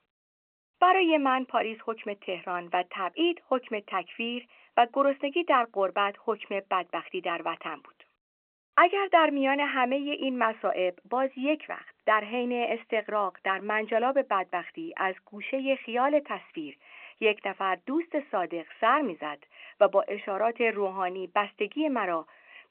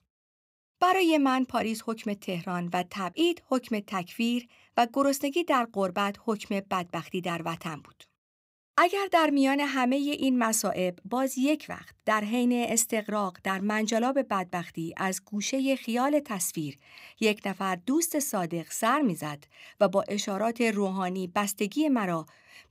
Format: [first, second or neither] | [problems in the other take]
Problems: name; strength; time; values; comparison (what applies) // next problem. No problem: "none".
second | phone-call audio; nothing above 3 kHz